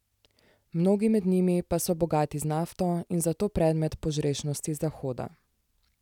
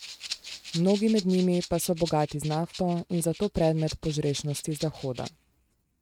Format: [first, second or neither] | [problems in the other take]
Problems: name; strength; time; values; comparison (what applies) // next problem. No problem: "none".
first | noise reduction (neural mask model RNNoise)